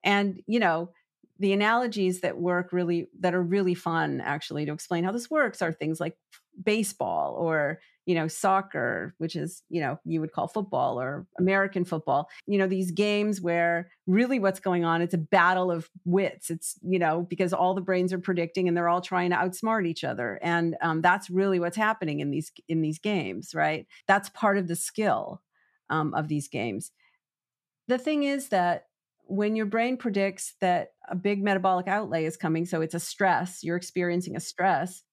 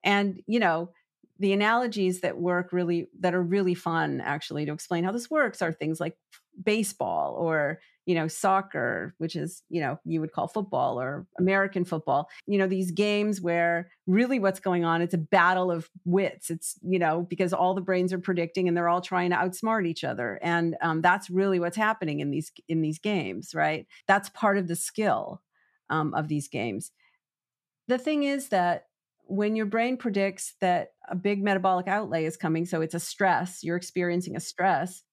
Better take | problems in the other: neither | none

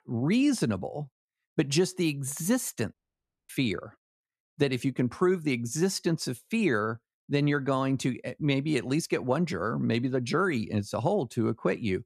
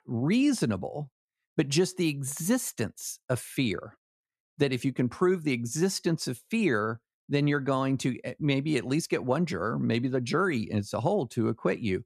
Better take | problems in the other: second | audio cutting out; at 3 s for 0.5 s

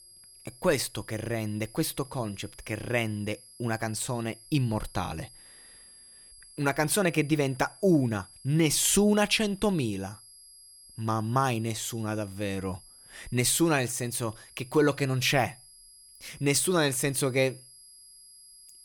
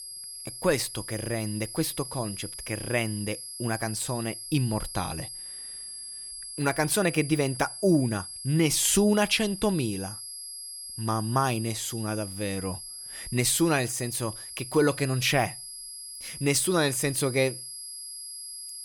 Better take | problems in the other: first | high-pitched whine; loud; throughout; 11 kHz, 10 dB below the speech; faint in the first

